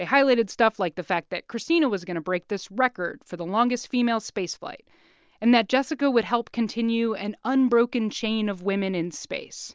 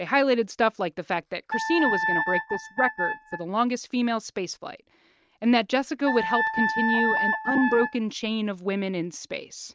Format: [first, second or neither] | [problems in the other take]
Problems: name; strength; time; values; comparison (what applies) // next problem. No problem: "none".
first | noise reduction (neural mask model RNNoise)